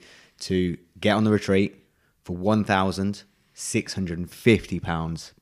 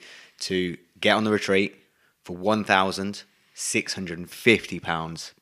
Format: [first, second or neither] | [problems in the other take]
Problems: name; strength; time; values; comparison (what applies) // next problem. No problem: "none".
first | thin; very slightly; fading below 400 Hz